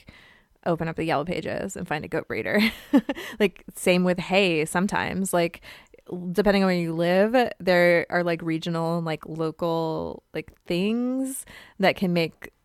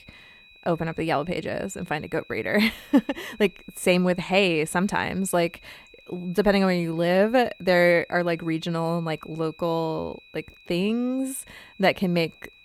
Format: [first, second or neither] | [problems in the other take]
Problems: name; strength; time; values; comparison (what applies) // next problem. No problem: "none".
first | high-pitched whine; faint; throughout; 2.5 kHz, 25 dB below the speech